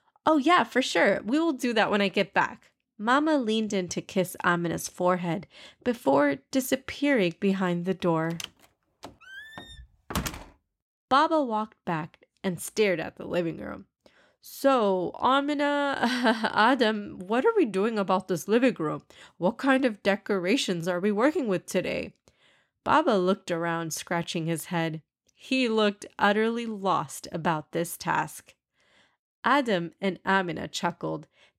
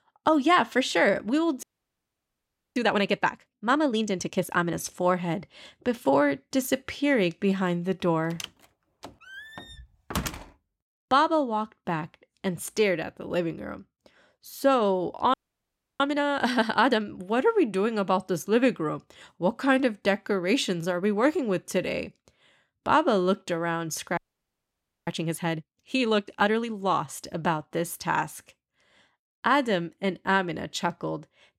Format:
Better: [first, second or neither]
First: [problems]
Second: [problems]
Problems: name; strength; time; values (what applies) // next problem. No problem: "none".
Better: first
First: none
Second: audio freezing; at 1.5 s for 1 s, at 15 s for 0.5 s and at 24 s for 1 s